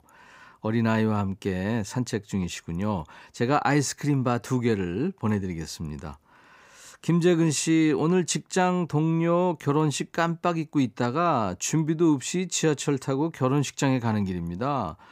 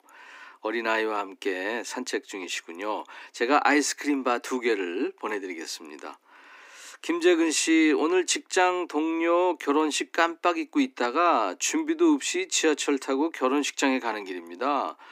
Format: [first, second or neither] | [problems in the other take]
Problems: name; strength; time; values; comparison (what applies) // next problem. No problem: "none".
first | thin; somewhat; fading below 250 Hz